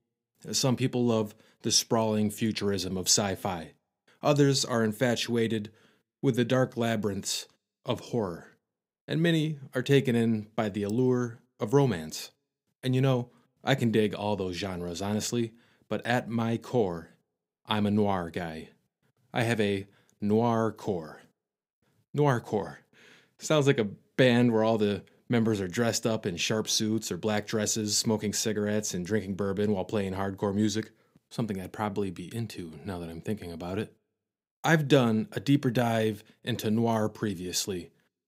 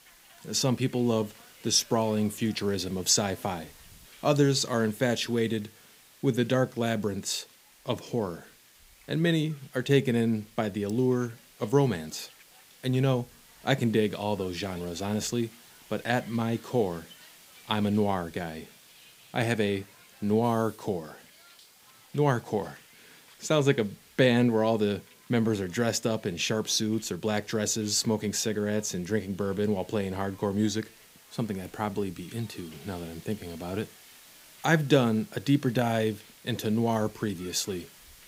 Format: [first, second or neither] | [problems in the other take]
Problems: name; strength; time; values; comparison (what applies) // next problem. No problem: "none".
first | hiss; faint; throughout; 25 dB below the speech